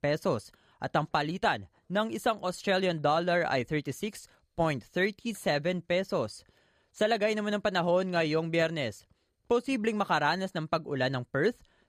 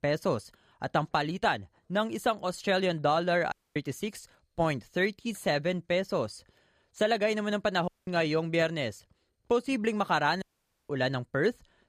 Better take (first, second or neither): first